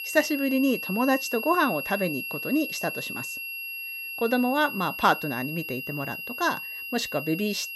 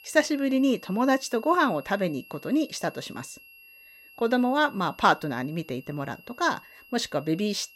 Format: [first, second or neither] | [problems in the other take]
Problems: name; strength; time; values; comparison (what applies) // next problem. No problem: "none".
second | high-pitched whine; loud; throughout; 2.5 kHz, 6 dB below the speech; faint in the second